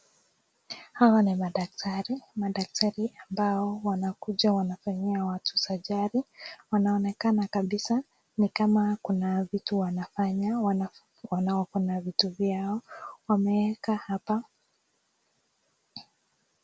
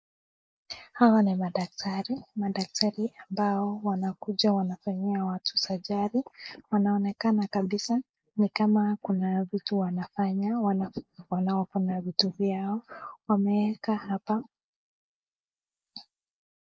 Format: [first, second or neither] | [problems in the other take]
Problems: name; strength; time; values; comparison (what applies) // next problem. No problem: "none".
first | noise reduction (neural mask model Resemble Enhance denoiser)